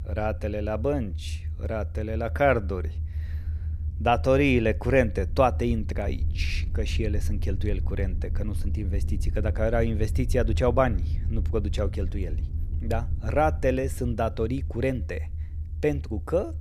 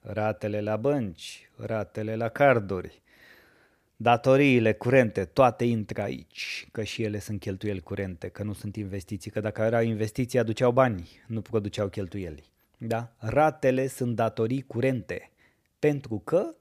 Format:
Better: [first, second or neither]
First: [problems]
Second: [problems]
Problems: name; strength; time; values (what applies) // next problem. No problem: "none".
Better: second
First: low rumble; faint; throughout; 20 dB below the speech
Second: none